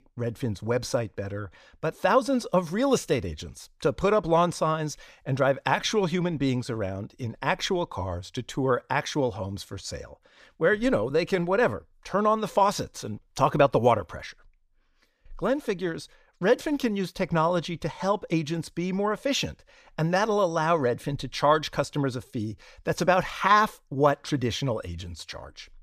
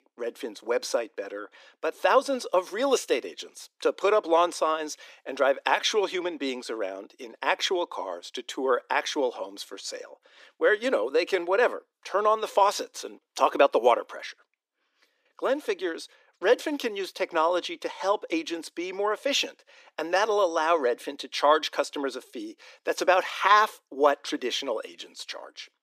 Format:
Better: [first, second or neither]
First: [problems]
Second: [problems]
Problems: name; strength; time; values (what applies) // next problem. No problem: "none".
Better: first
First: none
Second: thin; somewhat; fading below 300 Hz